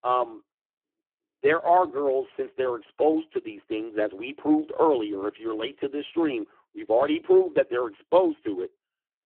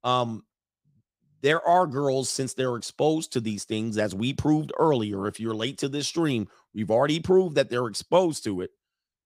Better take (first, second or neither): second